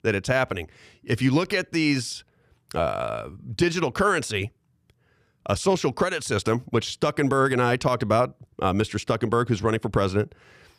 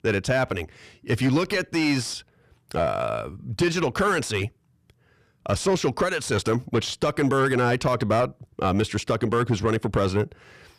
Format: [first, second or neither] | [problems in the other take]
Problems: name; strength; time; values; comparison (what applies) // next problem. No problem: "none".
first | distortion; slight; 10 dB below the speech